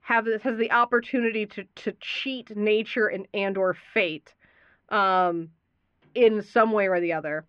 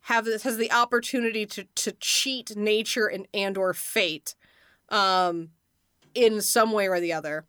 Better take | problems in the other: second | muffled; very; fading above 2.5 kHz

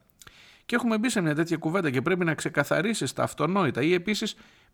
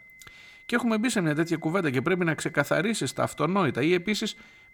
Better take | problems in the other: first | high-pitched whine; faint; throughout; 2 kHz, 25 dB below the speech

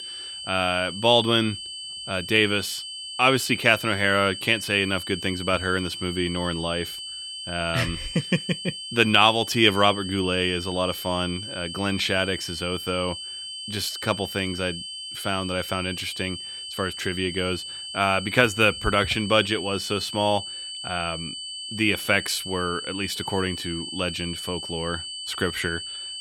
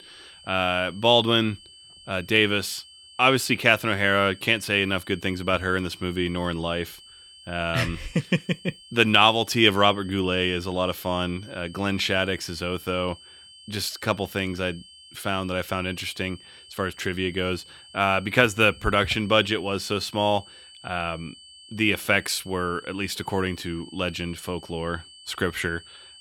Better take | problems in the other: second | high-pitched whine; loud; throughout; 3 kHz, 8 dB below the speech; faint in the second

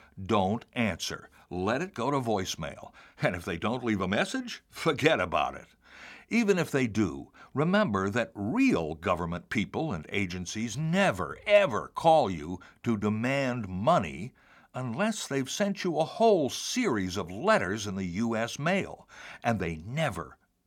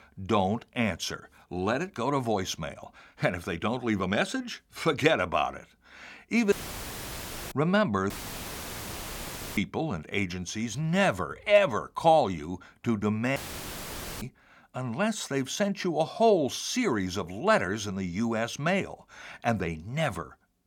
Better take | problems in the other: first | audio cutting out; filled with static; at 6.5 s for 1 s, at 8 s for 1.5 s and at 13 s for 1 s

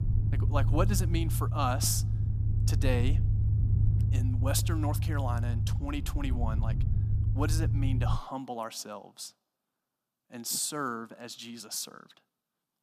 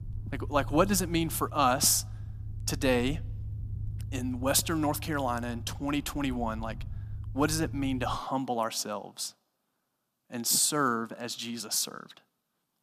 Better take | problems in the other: second | low rumble; loud; until 8 s; 8 dB below the speech; faint in the second

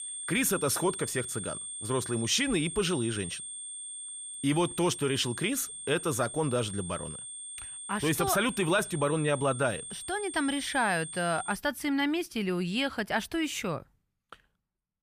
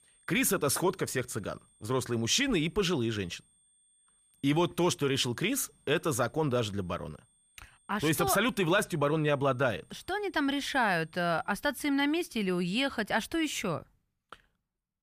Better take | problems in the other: second | high-pitched whine; loud; until 12 s; 8.5 kHz, 8 dB below the speech; faint in the second

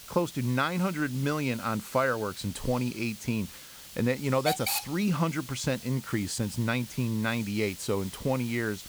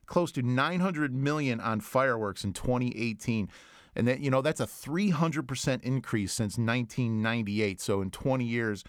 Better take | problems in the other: second | hiss; loud; throughout; 10 dB below the speech

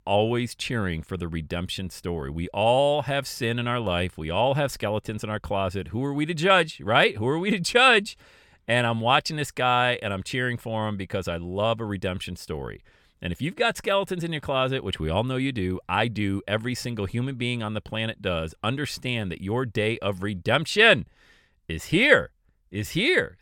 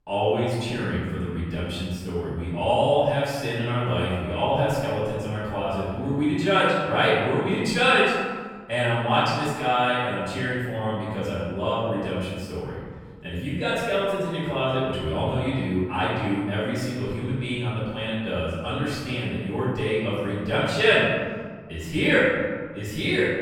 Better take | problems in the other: first | off-mic speech; far // room echo; strong; dies away in 1.5 s

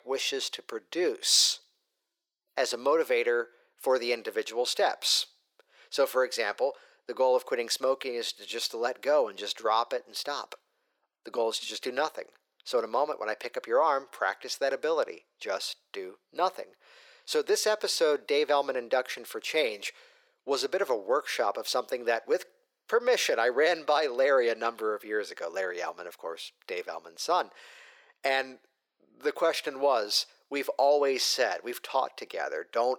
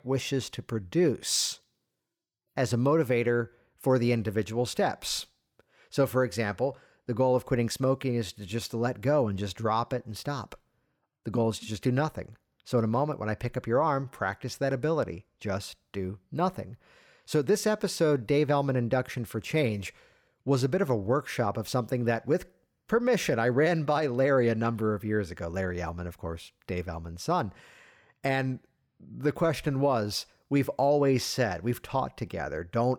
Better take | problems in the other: second | thin; very; fading below 400 Hz

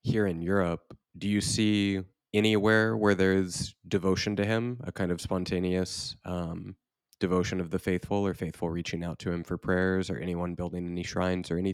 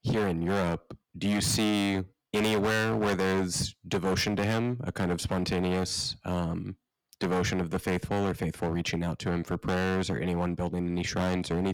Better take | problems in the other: first | distortion; heavy; 16% of the sound clipped

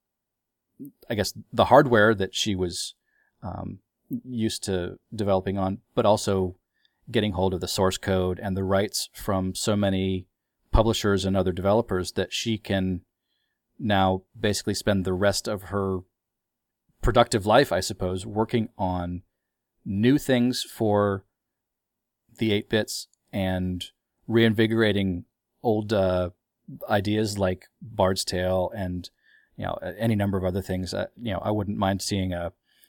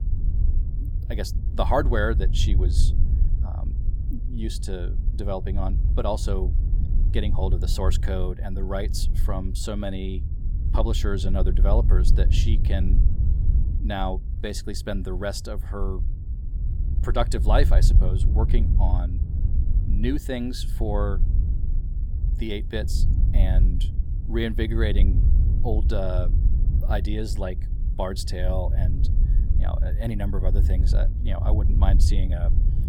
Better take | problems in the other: first | low rumble; noticeable; throughout; 10 dB below the speech

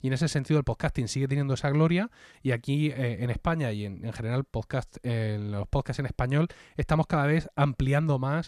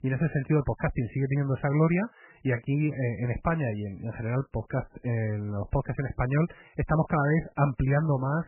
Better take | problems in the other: first | garbled, watery; badly; nothing above 2.5 kHz

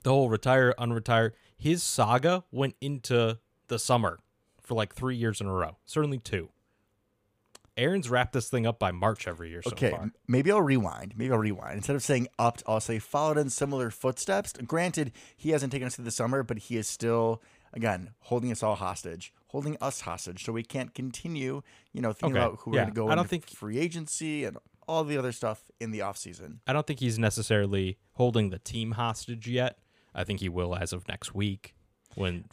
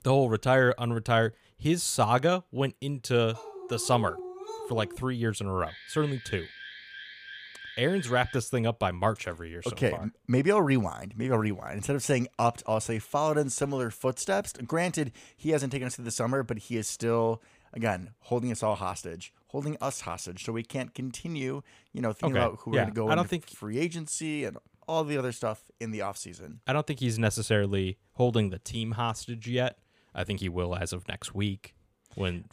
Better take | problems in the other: first | dog barking; noticeable; from 3.5 to 5 s; peak 10 dB below the speech // alarm; faint; from 5.5 to 8.5 s; peak 15 dB below the speech

